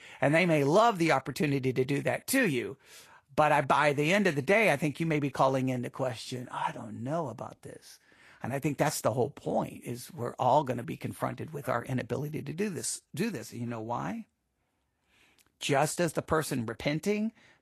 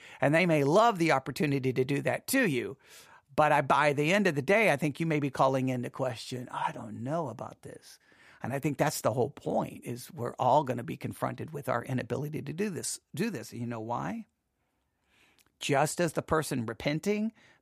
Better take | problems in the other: second | garbled, watery; slightly; nothing above 12.5 kHz

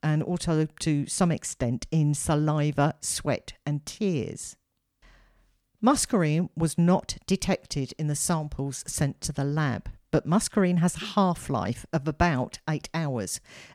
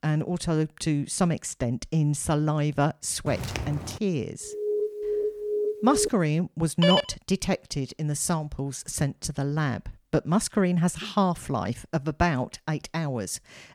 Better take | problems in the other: first | footsteps; noticeable; at 3.5 s; peak 6 dB below the speech // alarm; noticeable; from 4.5 to 6 s; peak 1 dB below the speech // phone ringing; loud; at 7 s; peak 3 dB above the speech

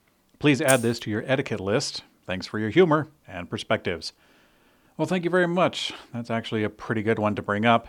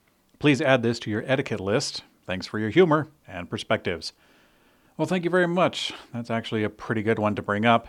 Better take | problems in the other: second | jangling keys; noticeable; at 0.5 s; peak 4 dB below the speech

